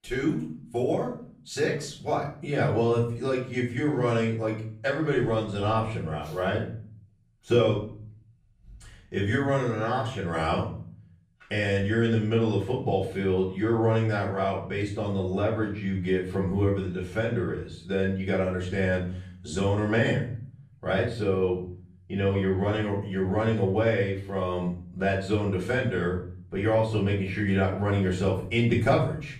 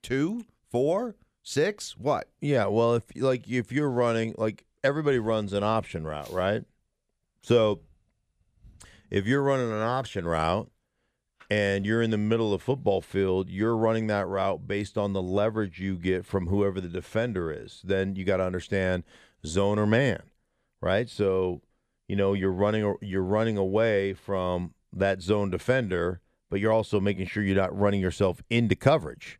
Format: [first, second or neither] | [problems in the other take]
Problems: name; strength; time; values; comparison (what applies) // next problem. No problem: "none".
second | off-mic speech; far // room echo; slight; dies away in 0.5 s